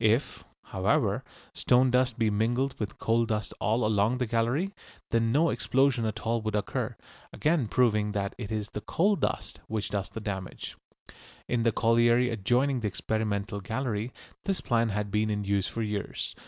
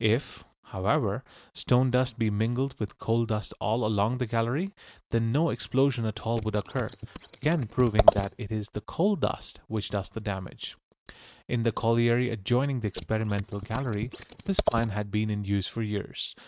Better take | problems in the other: first | noise reduction (neural mask model RNNoise)

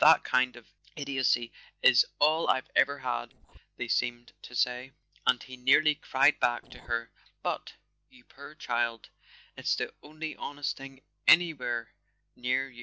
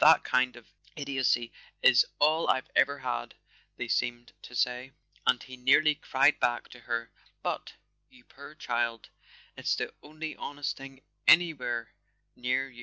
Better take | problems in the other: second | noise reduction (neural separator model SepFormer DNS4)

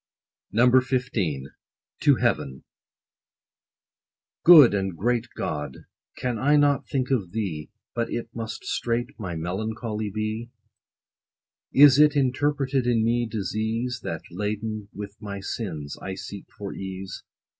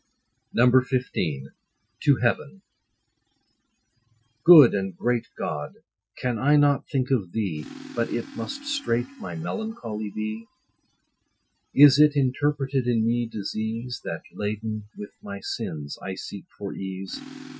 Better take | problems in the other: first | noise reduction (classical method Wiener filter)

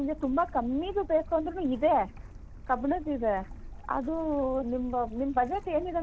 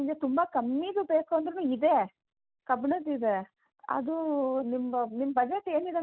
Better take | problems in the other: second | background sound (Stream / Bird); 14 dB below the speech

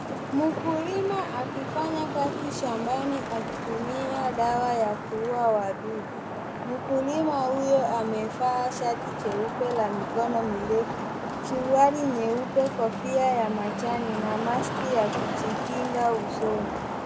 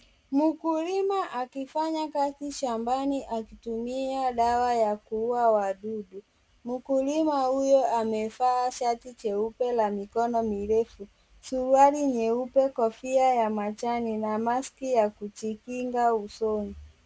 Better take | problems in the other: second | background sound (Traffic noise, roadway noise); 5 dB below the speech

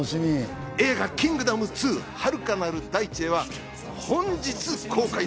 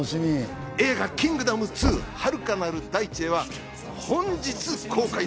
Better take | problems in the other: first | background sound (Knock); 8 dB below the speech

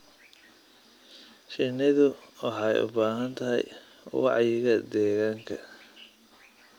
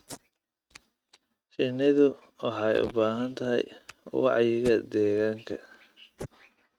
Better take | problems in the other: first | noise reduction (neural mask model RNNoise)

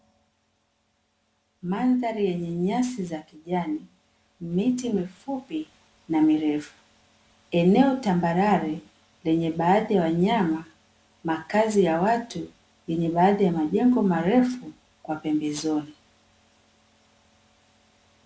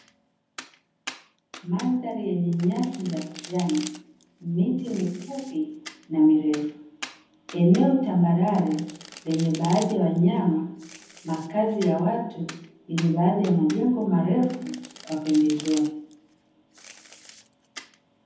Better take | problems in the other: first | background sound (Domestic sounds, home sounds); 20 dB below the speech // room echo; dies away in 0.8 s

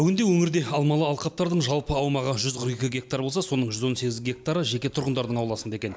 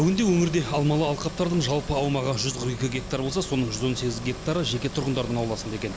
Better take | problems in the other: first | background sound (Engine); 12 dB below the speech

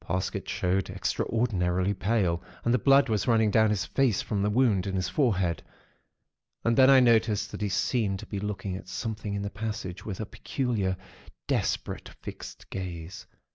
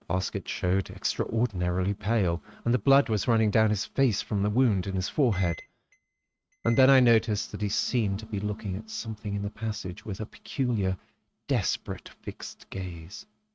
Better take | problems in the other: first | noise reduction (neural mask model RNNoise)

